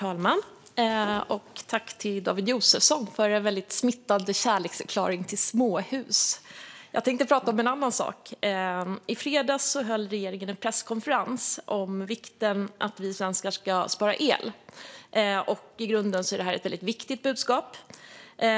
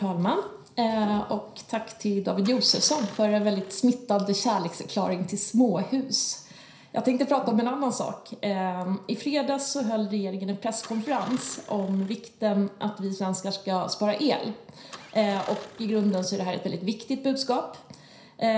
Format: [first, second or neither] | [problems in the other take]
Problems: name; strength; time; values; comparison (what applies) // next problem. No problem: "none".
first | background sound (Engine starting); 19 dB below the speech // room echo; dies away in 0.5 s